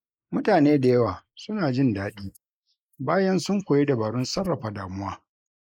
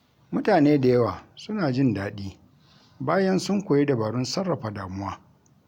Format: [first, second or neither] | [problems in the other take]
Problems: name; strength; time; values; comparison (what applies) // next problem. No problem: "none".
second | noise reduction (neural mask model Resemble Enhance denoiser)